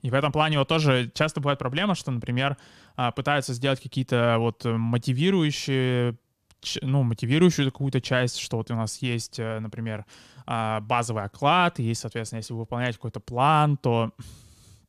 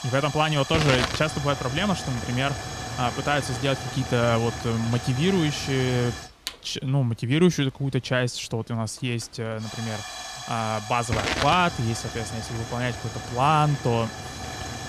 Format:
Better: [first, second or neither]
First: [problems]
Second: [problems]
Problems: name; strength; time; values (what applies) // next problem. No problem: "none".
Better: first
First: none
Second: hiss; loud; throughout; 7 dB below the speech